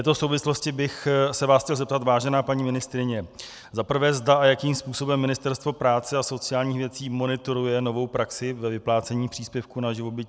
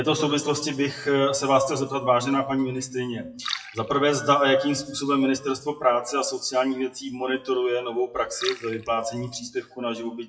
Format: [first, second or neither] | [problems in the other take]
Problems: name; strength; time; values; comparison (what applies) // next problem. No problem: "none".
first | noise reduction (classical method WPE with log-MMSE)